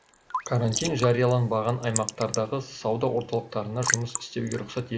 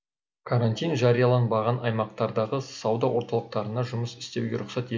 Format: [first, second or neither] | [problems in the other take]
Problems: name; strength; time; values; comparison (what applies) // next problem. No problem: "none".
second | noise reduction (neural mask model Resemble Enhance denoiser)